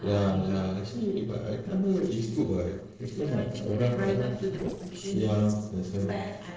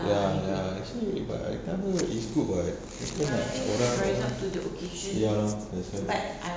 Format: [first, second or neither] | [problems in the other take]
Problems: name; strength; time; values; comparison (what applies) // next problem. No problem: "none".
second | noise reduction (neural separator model SepFormer DNS4)